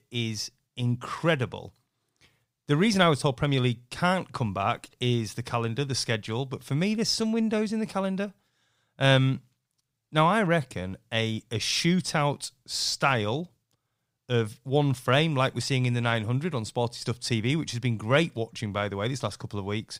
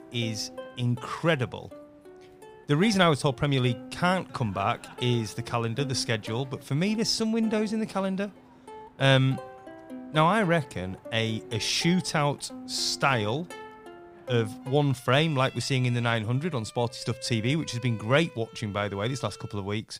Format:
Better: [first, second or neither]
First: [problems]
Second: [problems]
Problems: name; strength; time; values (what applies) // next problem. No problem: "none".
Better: first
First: none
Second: background music; noticeable; throughout; 20 dB below the speech